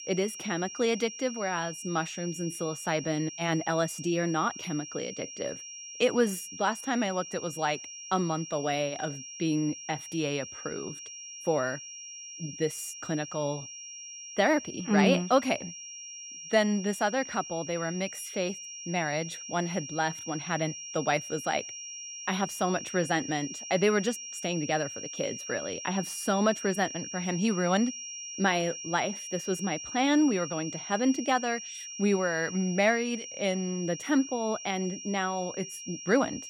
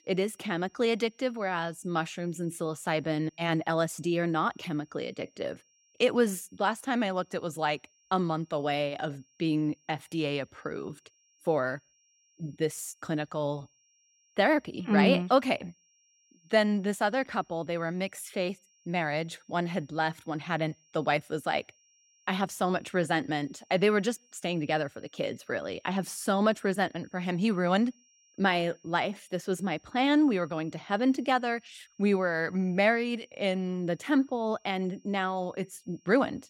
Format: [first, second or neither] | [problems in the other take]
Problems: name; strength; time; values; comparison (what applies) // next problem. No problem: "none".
second | high-pitched whine; loud; throughout; 5.5 kHz, 9 dB below the speech; faint in the second